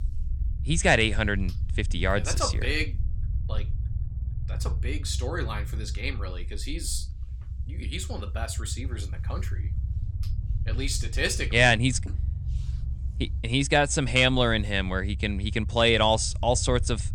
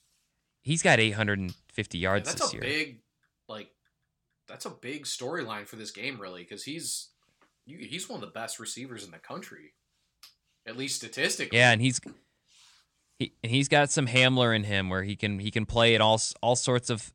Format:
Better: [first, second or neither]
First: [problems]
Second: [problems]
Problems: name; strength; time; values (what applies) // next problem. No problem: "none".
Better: second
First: low rumble; faint; throughout; 25 dB below the speech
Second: none